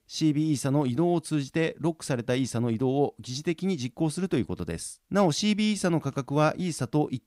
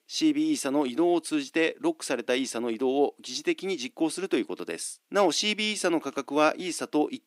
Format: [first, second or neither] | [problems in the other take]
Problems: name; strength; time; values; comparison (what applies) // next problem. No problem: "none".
first | thin; somewhat; fading below 300 Hz